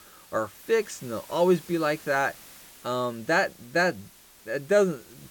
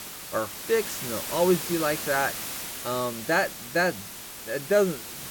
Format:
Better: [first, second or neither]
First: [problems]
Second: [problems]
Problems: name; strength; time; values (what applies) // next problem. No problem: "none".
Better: first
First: hiss; faint; throughout; 20 dB below the speech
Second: hiss; loud; throughout; 7 dB below the speech